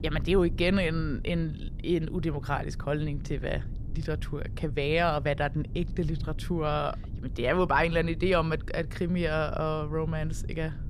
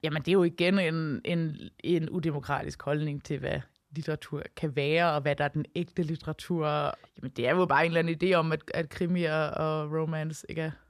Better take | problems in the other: second | low rumble; faint; throughout; 20 dB below the speech

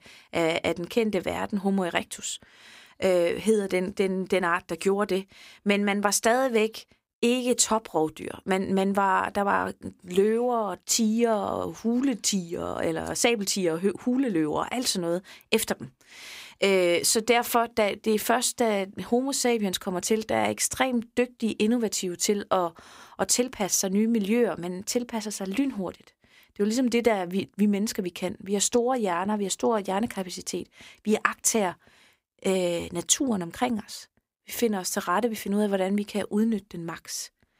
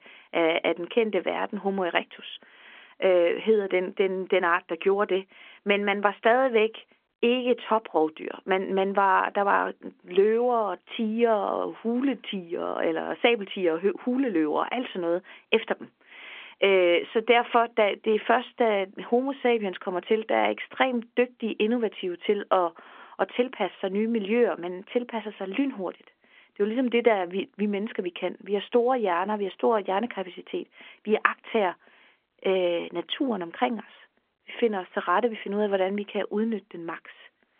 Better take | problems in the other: first | phone-call audio; nothing above 3.5 kHz

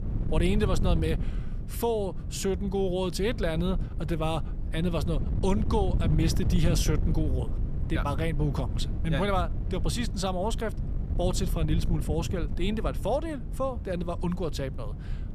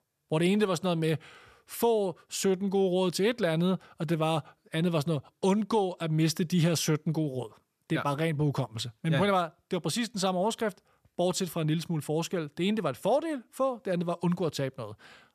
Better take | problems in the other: second | wind noise on the microphone; occasional gusts; 10 dB below the speech

